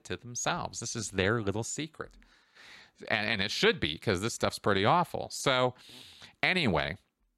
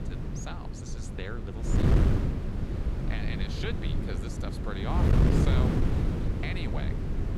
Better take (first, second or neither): first